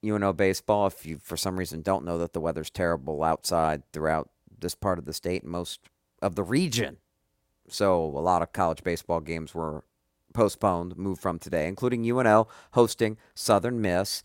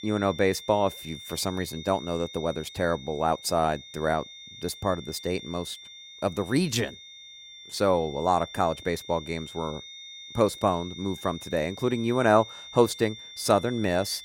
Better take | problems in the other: first | high-pitched whine; noticeable; throughout; 3.5 kHz, 15 dB below the speech

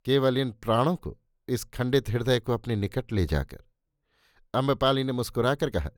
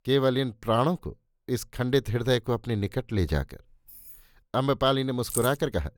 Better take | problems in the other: first | jangling keys; faint; at 3.5 s; peak 20 dB below the speech // jangling keys; noticeable; at 5.5 s; peak 5 dB below the speech

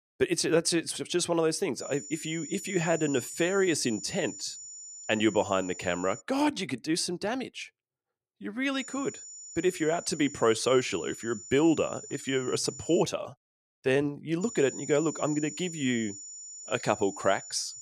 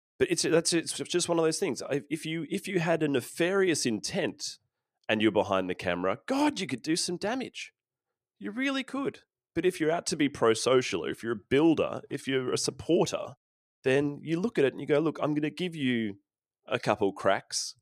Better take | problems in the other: second | high-pitched whine; noticeable; from 2 to 6 s, from 9 to 13 s and from 14 s on; 7 kHz, 10 dB below the speech

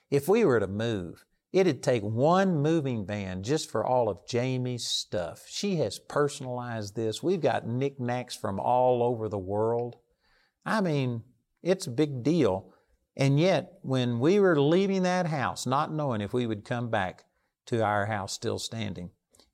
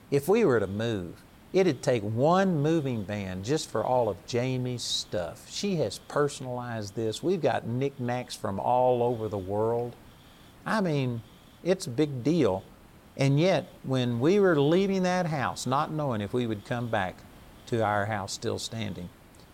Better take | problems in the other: first | hiss; faint; throughout; 25 dB below the speech

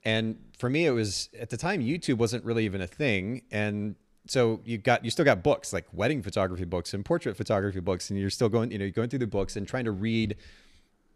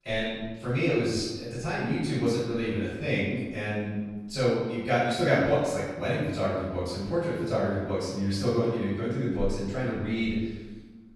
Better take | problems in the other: first | room echo; strong; dies away in 1.1 s // off-mic speech; far

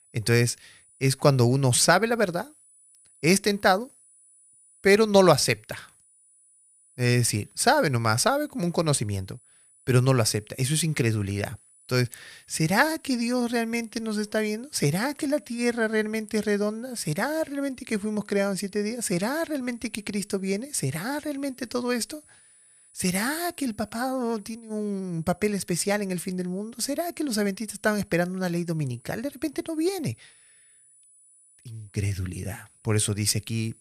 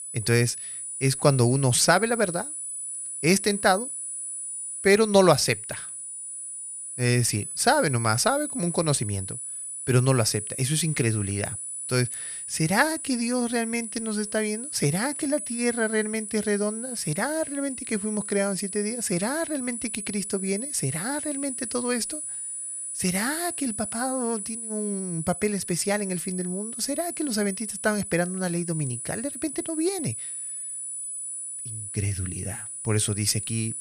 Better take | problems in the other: first | high-pitched whine; loud; throughout; 10 kHz, 6 dB below the speech; faint in the first

